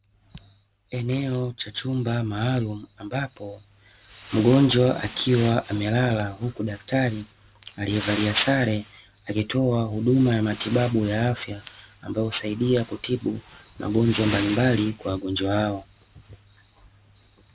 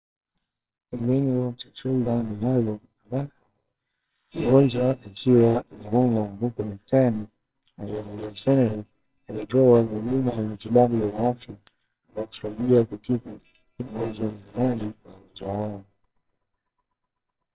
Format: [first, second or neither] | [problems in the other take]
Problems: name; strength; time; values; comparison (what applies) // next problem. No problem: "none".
first | noise reduction (neural separator model SepFormer WHAMR!)